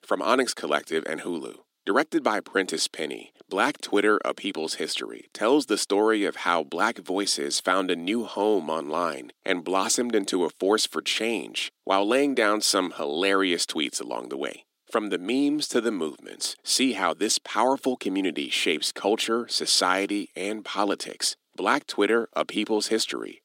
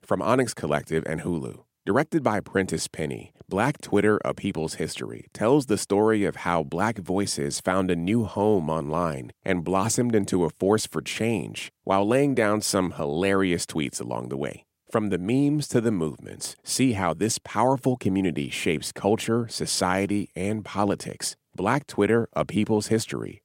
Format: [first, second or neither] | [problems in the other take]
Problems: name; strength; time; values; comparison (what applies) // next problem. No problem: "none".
second | thin; very slightly; fading below 300 Hz